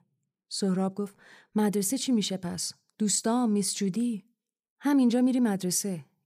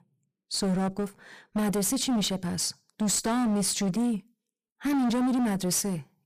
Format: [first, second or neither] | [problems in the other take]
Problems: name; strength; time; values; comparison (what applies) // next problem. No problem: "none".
first | distortion; heavy; 20% of the sound clipped